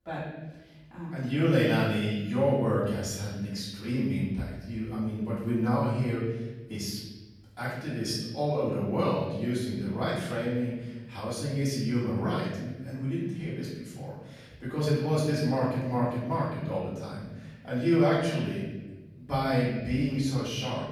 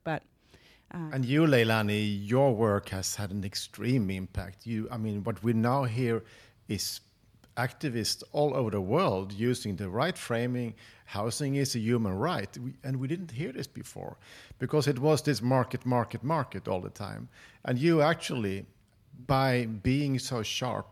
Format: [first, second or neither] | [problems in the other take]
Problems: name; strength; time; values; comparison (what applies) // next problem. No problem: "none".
second | off-mic speech; far // room echo; noticeable; dies away in 1.2 s